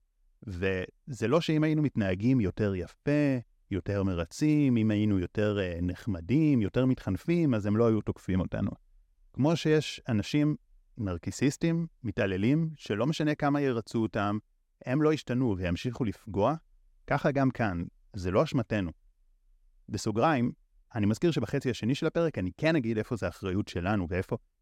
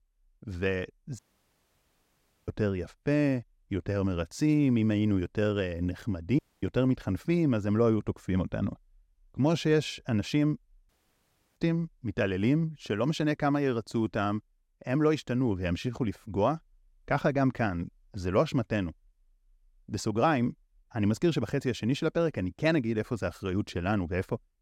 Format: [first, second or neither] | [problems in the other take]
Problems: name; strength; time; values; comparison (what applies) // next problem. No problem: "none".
first | audio cutting out; at 1 s for 1.5 s, at 6.5 s and at 11 s for 0.5 s